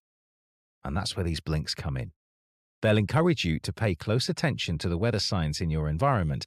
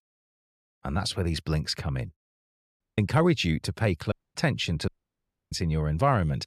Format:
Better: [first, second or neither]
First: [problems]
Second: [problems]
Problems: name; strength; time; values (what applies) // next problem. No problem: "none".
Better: first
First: none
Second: audio cutting out; at 3 s, at 4 s and at 5 s for 0.5 s